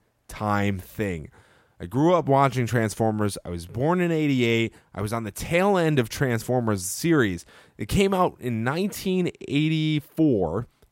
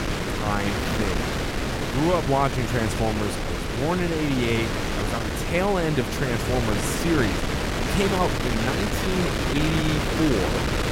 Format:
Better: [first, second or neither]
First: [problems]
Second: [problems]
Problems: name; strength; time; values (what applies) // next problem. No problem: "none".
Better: first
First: none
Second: wind noise on the microphone; heavy; as loud as the speech